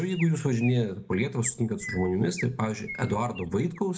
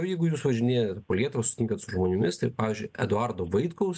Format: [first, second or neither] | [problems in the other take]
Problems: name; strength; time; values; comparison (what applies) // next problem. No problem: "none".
second | background sound (Chirp, tweet); 16 dB below the speech // room echo; dies away in 0.2 s